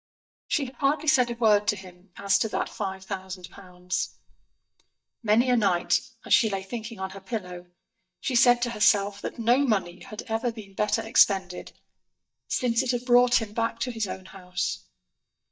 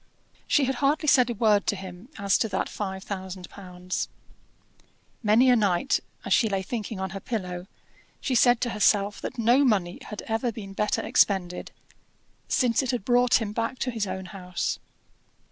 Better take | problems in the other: second | noise reduction (neural mask model DeepFilterNet 3)

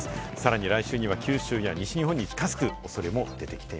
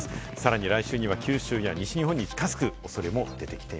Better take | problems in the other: second | background sound (Alarm + Piano); 16 dB below the speech

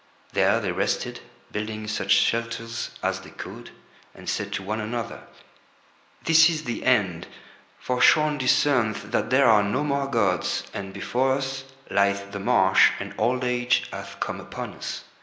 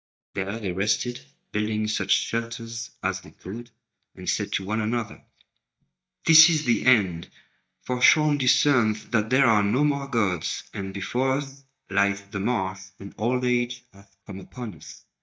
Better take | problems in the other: first | noise reduction (neural mask model DeepFilterNet 3)

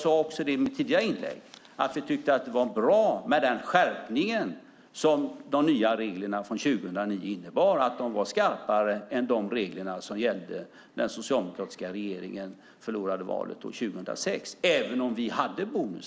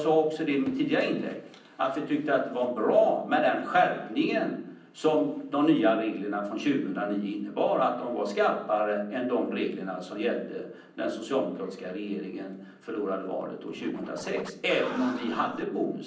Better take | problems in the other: first | background sound (Scratching (performance technique)); 15 dB below the speech // room echo; dies away in 0.6 s

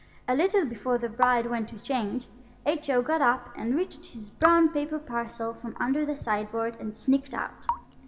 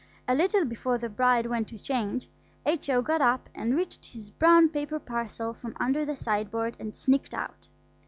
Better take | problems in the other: second | background sound (Raindrop / Drip); 12 dB below the speech // room echo; dies away in 2.8 s

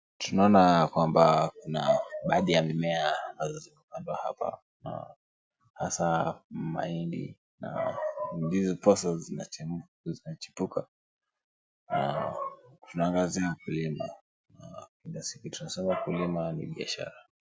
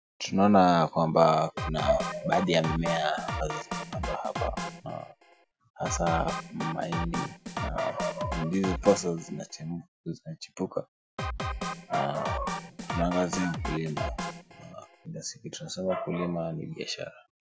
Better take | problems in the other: first | background sound (Drum kit); 6 dB below the speech

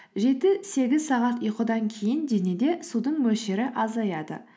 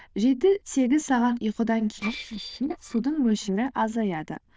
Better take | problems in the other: first | noise reduction (neural diffusion model UNIVERSE++)

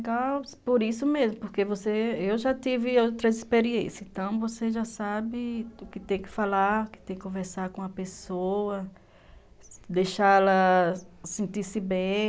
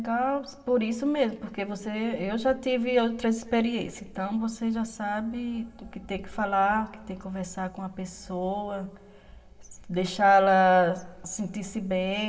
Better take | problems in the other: first | room echo; dies away in 1.5 s

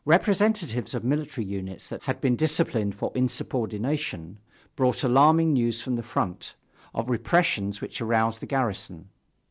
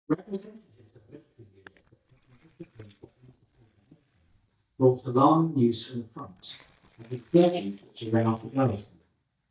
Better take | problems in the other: first | noise reduction (neural mask model DeepFilterNet 3)

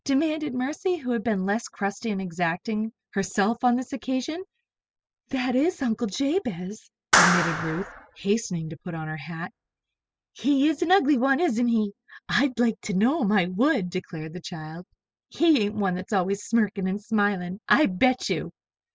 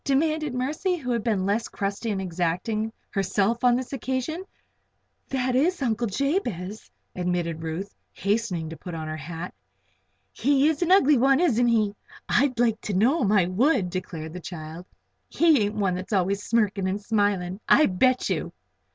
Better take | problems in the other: second | noise reduction (classical method spectral subtraction)

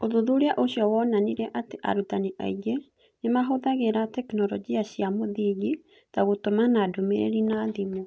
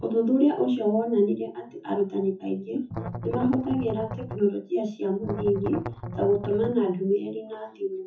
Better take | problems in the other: first | noise reduction (classical method WPE with log-MMSE)

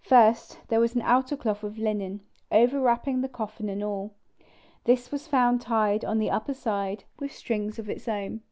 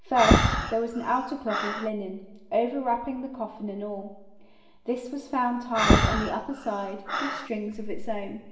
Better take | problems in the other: first | background sound (Breathing); as loud as the speech // room echo; dies away in 1.1 s

